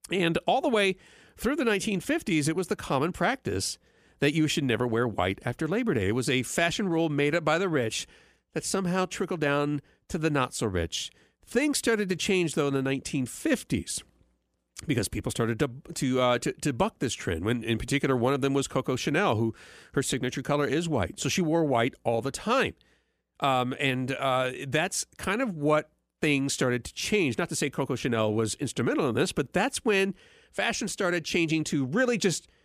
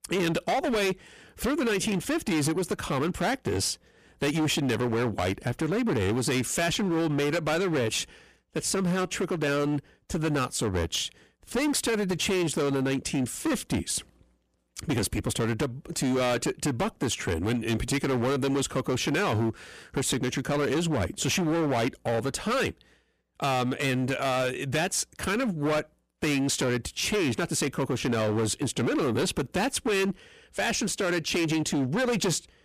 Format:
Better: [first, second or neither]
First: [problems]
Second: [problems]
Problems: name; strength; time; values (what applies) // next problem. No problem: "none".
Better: first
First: none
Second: distortion; heavy; 20% of the sound clipped